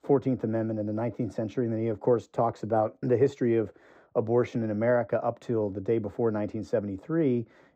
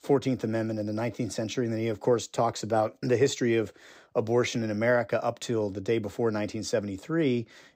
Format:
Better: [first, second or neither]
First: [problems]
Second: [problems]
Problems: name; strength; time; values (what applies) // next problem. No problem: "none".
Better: second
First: muffled; very; fading above 2 kHz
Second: none